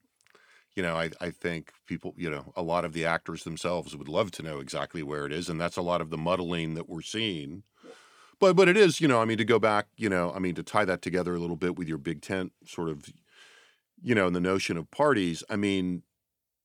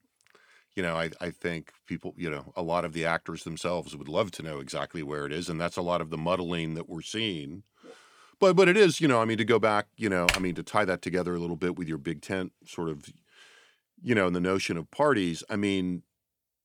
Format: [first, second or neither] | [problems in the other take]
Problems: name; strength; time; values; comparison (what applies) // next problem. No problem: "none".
first | keyboard typing; loud; at 10 s; peak 2 dB above the speech